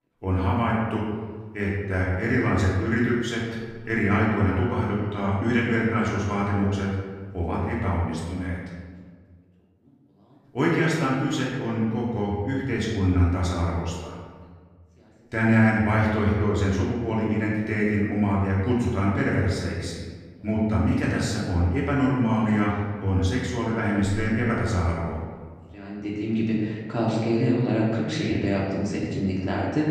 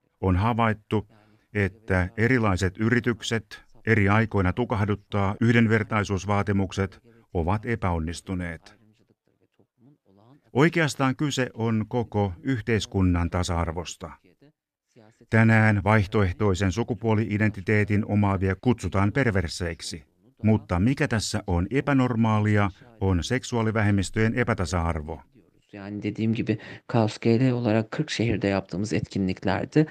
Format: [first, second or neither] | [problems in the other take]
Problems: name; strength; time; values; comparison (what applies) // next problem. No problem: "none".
second | room echo; noticeable; dies away in 1.3 s // off-mic speech; far